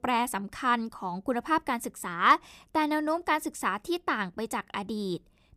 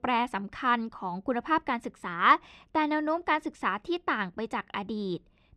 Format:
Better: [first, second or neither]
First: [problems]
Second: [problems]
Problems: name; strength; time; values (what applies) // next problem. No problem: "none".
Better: first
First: none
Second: muffled; very slightly; fading above 3 kHz